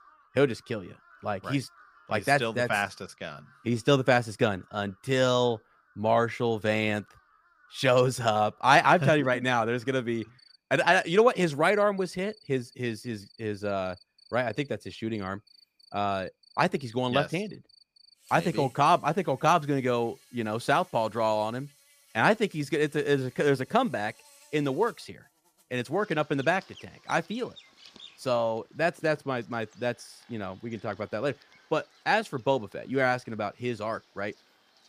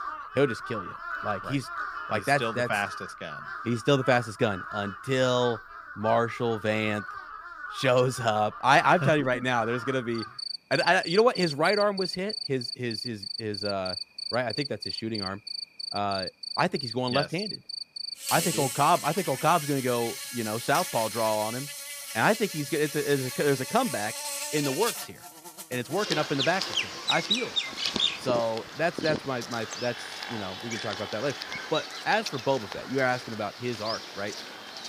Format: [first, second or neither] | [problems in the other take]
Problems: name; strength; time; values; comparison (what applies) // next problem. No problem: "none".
first | animal sounds; loud; throughout; 6 dB below the speech; faint in the first